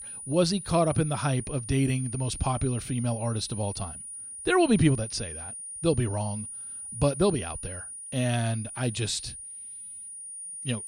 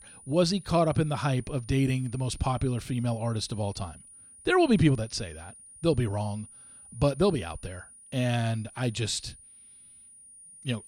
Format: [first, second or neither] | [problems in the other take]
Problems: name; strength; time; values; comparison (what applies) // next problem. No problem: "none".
second | high-pitched whine; loud; throughout; 9.5 kHz, 9 dB below the speech; faint in the second